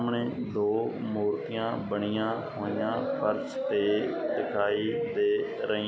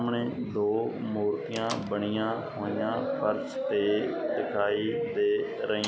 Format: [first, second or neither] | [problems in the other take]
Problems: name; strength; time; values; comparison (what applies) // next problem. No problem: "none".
first | background sound (Slam); 20 dB below the speech